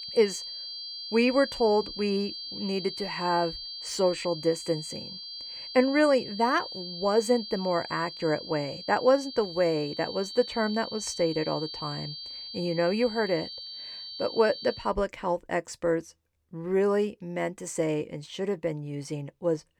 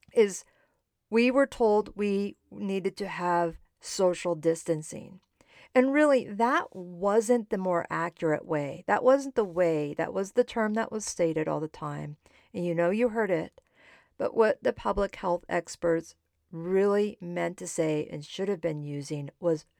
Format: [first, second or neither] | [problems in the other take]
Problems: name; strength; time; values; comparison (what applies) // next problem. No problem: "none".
second | high-pitched whine; loud; until 15 s; 4.5 kHz, 9 dB below the speech